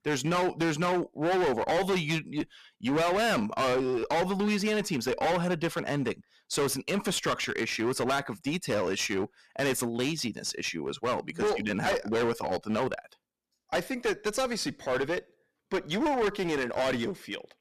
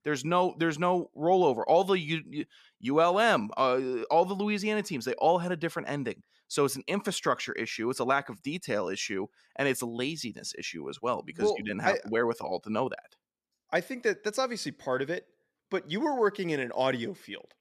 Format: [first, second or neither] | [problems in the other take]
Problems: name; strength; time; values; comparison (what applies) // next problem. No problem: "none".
second | distortion; heavy; 19% of the sound clipped